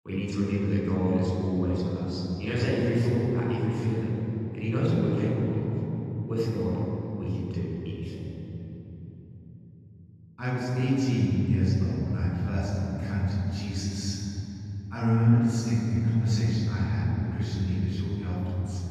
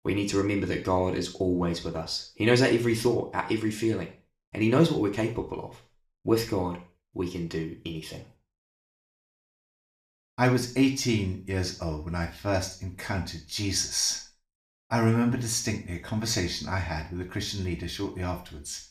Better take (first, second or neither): second